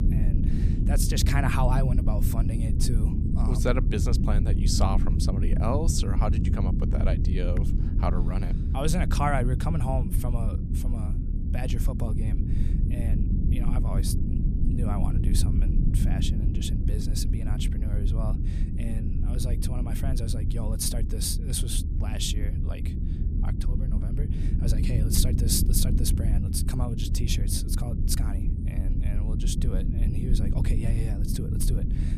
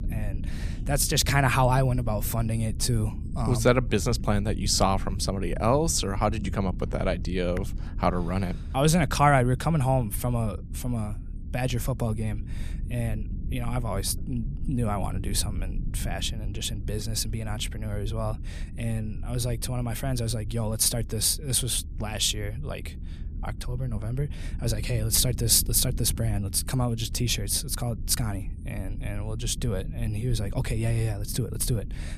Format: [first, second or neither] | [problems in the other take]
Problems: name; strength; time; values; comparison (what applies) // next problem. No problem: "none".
second | low rumble; loud; throughout; 5 dB below the speech; faint in the second